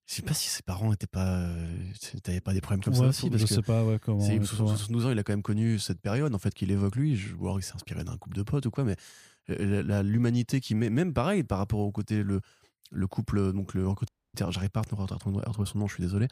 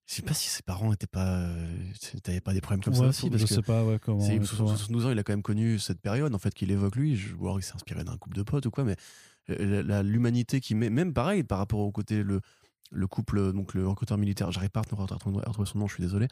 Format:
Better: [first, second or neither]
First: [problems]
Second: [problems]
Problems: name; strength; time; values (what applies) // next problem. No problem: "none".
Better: second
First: audio cutting out; at 14 s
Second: none